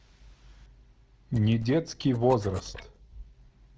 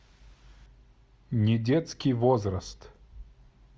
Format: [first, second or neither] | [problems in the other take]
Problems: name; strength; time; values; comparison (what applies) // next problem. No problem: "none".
second | noise reduction (neural separator model SepFormer DNS4)